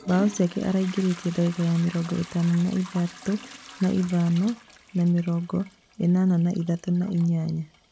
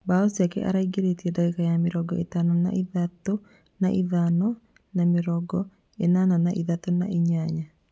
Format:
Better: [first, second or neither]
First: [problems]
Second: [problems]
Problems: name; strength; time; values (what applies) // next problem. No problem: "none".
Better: second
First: background sound (Trickle, dribble / Toilet flush / Hiss); 19 dB below the speech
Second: none